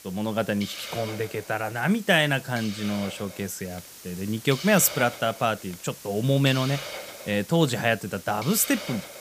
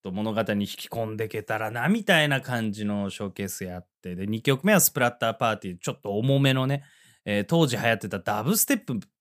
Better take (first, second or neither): second